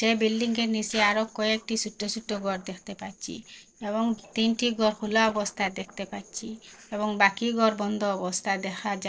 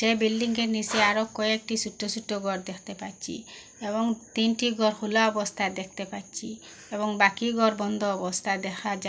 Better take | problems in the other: second | noise reduction (neural separator model SepFormer DNS4)

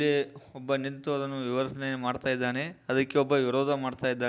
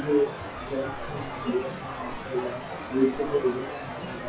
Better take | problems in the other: first | noise reduction (classical method WPE with log-MMSE)

